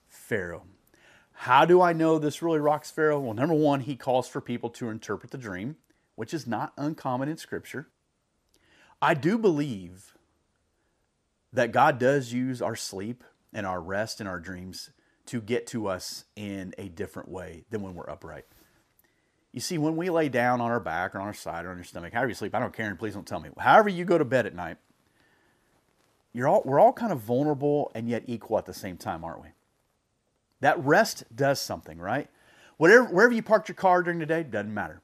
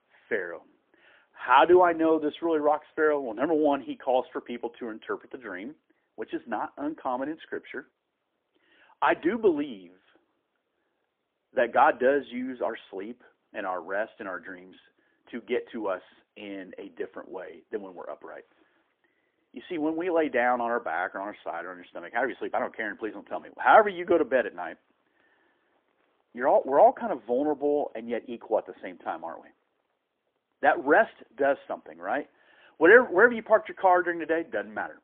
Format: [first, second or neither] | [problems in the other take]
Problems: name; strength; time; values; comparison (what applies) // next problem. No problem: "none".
first | phone-call audio; poor line; nothing above 3.5 kHz